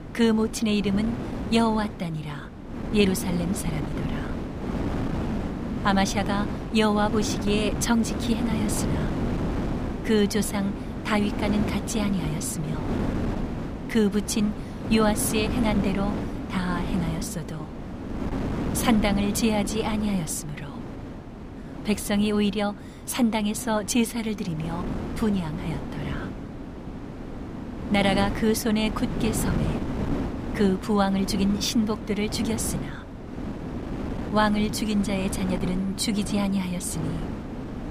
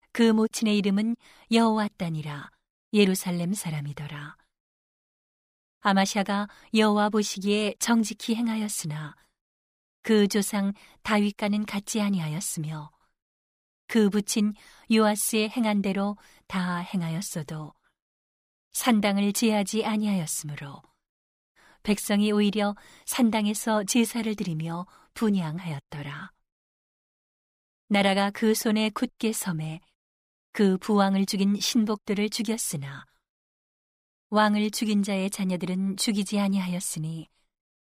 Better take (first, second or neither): second